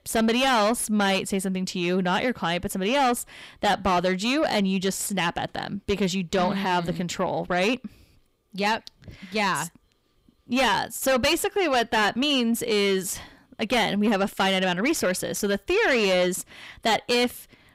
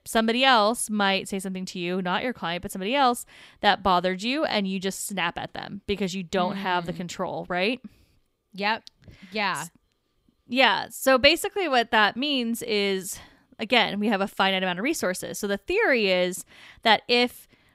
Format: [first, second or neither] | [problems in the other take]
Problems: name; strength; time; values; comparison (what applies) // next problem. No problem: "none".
second | distortion; heavy; 6 dB below the speech